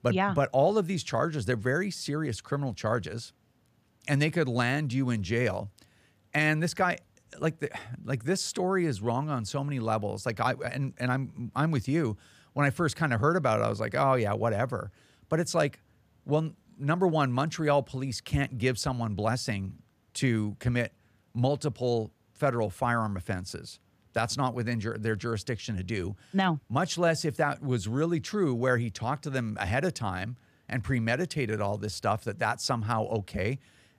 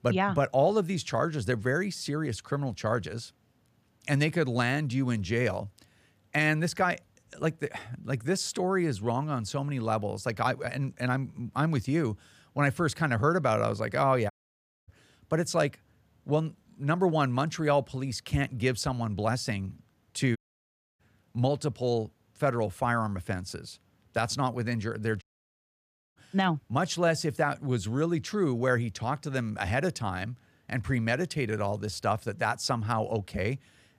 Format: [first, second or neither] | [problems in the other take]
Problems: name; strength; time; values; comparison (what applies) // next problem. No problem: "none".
first | audio cutting out; at 14 s for 0.5 s, at 20 s for 0.5 s and at 25 s for 1 s